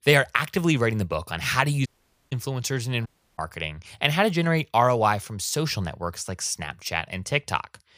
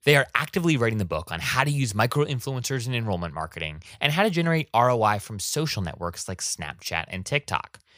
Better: second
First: audio cutting out; at 2 s and at 3 s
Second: none

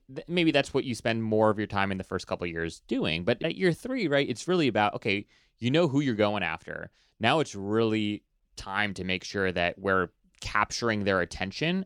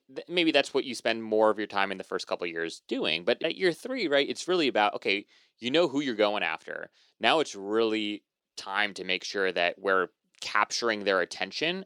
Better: first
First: none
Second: thin; very slightly; fading below 350 Hz

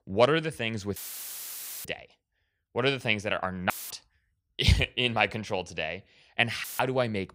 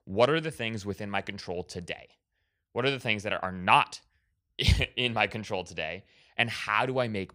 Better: second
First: audio cutting out; filled with static; at 1 s for 1 s, at 3.5 s and at 6.5 s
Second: none

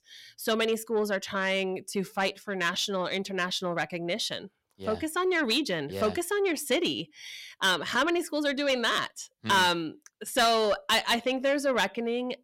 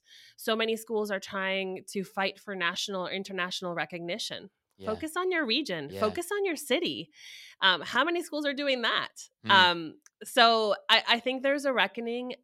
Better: second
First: distortion; heavy; 8 dB below the speech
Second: none

